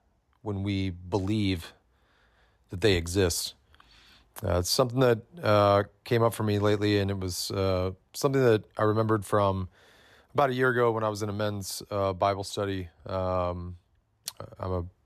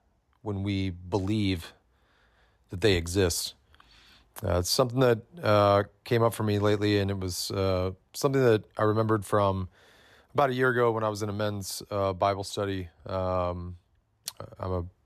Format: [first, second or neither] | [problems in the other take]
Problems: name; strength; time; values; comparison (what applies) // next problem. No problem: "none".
neither | none